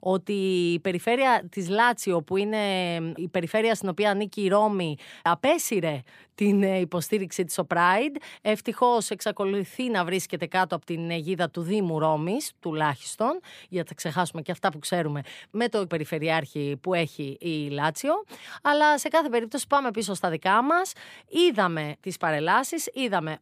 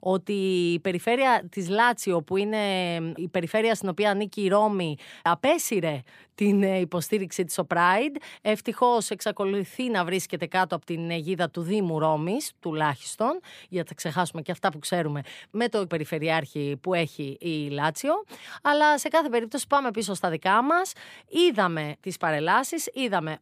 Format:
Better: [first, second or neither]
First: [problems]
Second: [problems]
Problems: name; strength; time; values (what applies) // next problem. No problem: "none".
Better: neither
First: none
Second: none